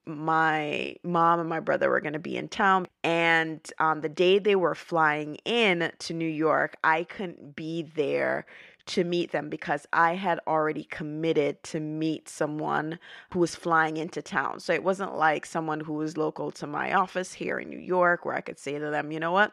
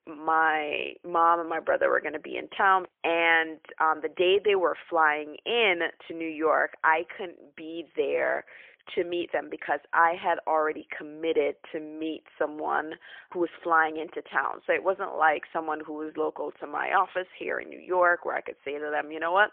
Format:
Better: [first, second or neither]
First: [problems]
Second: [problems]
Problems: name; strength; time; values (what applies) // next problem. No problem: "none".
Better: first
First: none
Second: phone-call audio; poor line; nothing above 3.5 kHz